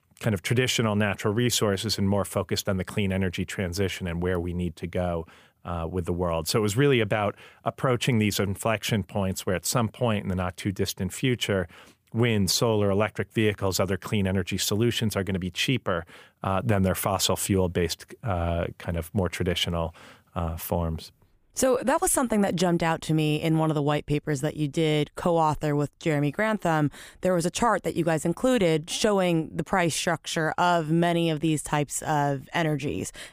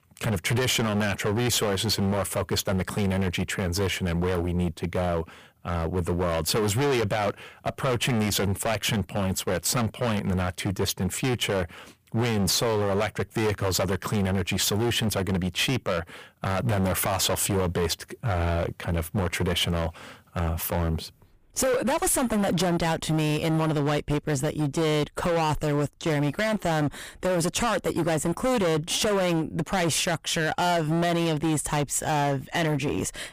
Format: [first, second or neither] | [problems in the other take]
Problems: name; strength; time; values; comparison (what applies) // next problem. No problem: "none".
first | distortion; heavy; 21% of the sound clipped